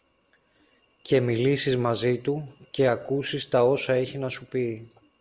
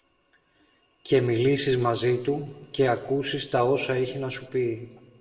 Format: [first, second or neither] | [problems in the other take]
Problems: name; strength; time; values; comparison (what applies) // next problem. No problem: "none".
first | room echo; dies away in 1 s